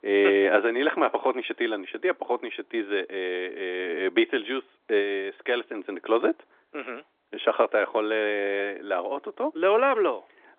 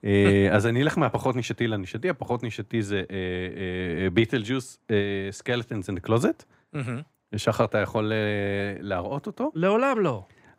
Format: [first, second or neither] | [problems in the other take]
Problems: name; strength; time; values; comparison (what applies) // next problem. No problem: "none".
second | phone-call audio; nothing above 3.5 kHz